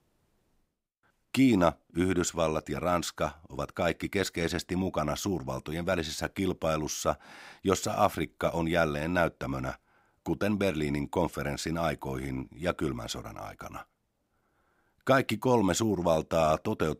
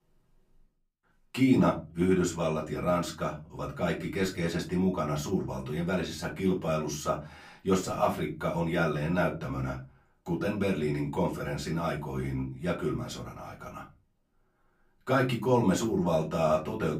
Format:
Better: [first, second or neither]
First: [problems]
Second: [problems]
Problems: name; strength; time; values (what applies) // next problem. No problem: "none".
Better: first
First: none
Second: off-mic speech; far // room echo; very slight; dies away in 0.3 s